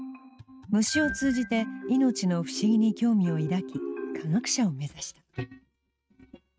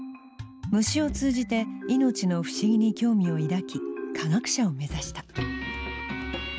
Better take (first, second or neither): second